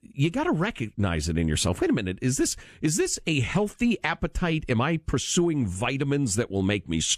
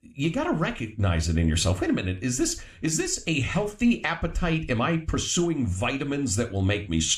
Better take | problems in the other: first | room echo; very slight; dies away in 0.4 s

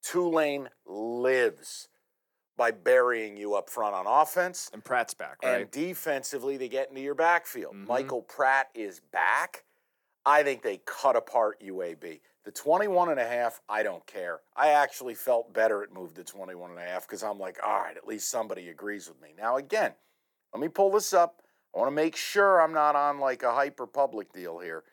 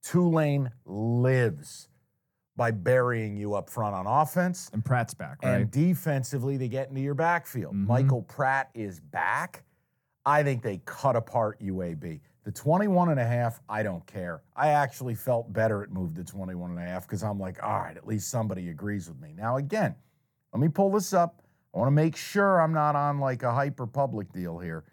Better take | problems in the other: second | thin; very; fading below 350 Hz

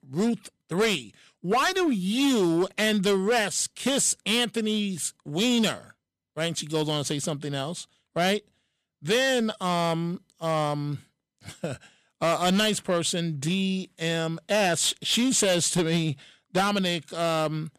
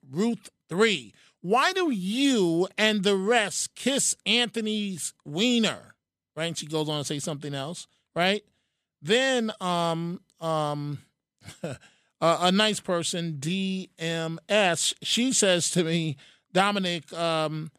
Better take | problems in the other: second | distortion; slight; 7% of the sound clipped

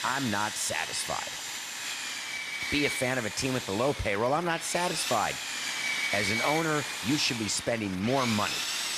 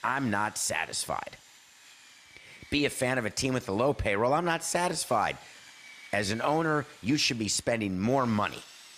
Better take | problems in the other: second | machinery noise; loud; throughout; 3 dB below the speech; faint in the second

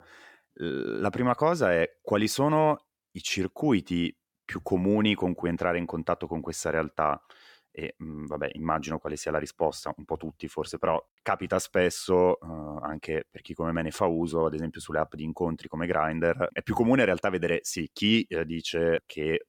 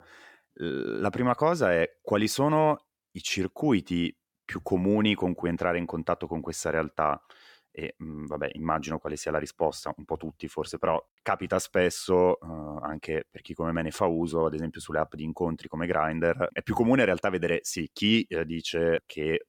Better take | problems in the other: neither | none

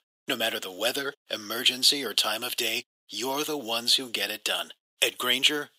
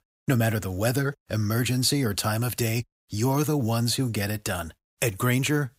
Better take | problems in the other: second | thin; somewhat; fading below 350 Hz

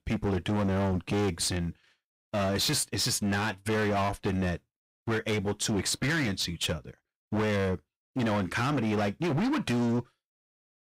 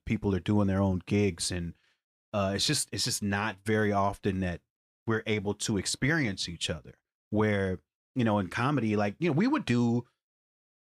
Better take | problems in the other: second | distortion; heavy; 22% of the sound clipped

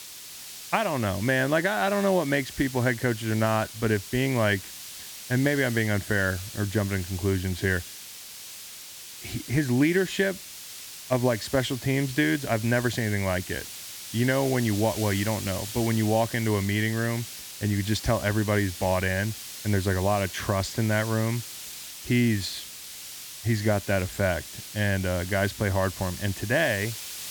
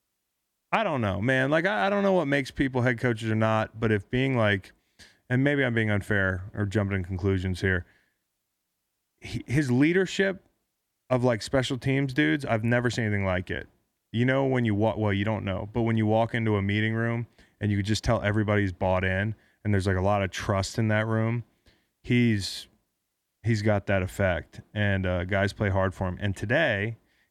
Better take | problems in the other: second | hiss; noticeable; throughout; 10 dB below the speech

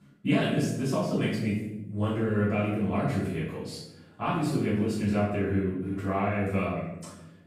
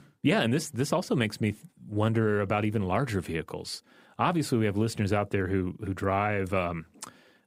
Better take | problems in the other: second | off-mic speech; far // room echo; noticeable; dies away in 0.9 s

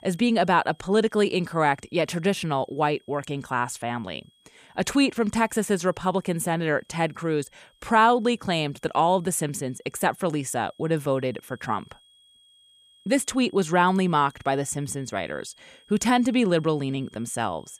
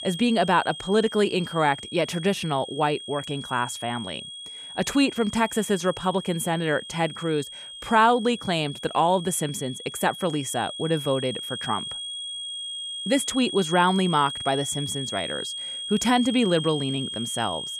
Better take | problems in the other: first | high-pitched whine; loud; throughout; 3.5 kHz, 8 dB below the speech; faint in the first

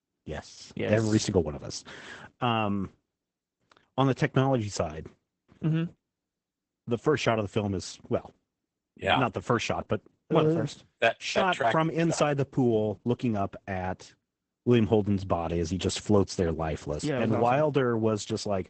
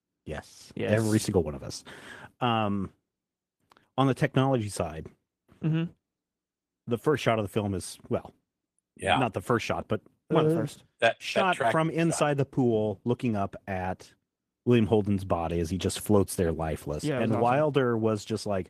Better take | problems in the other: second | garbled, watery; badly; nothing above 8 kHz; slightly in the second

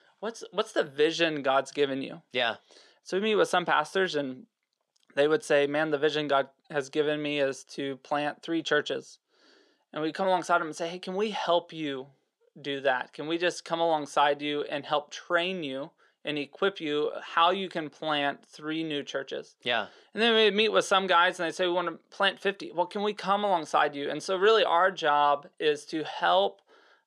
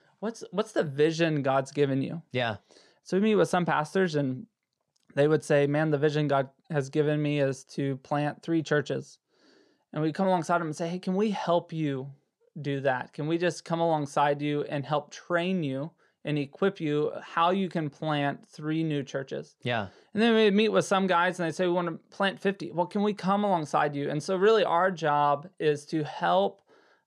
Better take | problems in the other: second | thin; somewhat; fading below 350 Hz

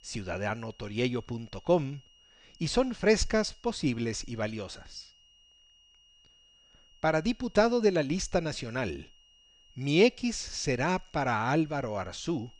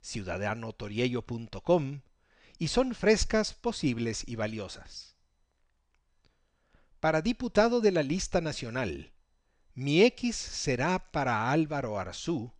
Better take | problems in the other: second | high-pitched whine; faint; throughout; 3 kHz, 30 dB below the speech

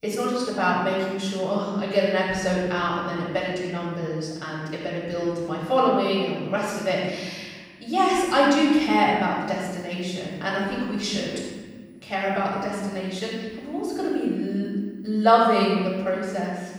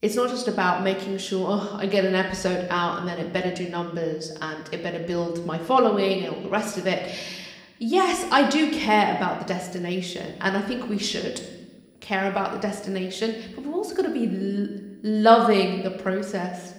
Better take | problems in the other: second | room echo; strong; dies away in 1.4 s; slight in the second // off-mic speech; far; somewhat distant in the second

